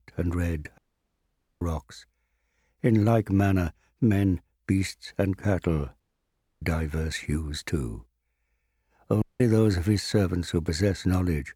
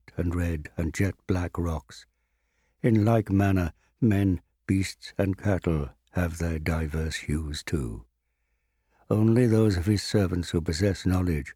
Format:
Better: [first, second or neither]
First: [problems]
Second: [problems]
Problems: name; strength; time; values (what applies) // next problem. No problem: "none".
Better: second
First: audio cutting out; at 1 s for 1 s, at 6 s for 0.5 s and at 9 s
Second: none